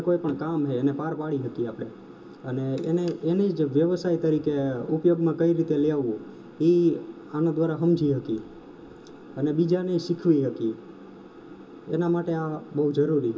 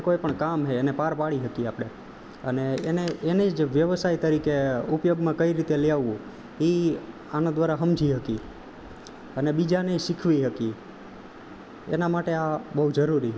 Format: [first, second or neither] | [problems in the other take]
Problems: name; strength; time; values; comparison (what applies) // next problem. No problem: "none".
second | room echo; dies away in 0.2 s